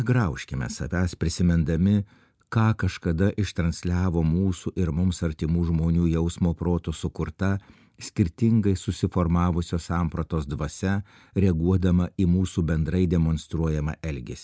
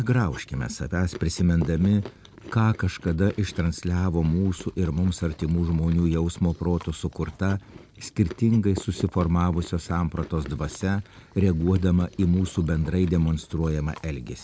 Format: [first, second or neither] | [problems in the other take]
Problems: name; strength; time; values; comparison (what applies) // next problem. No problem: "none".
first | background sound (Chewing, mastication); 20 dB below the speech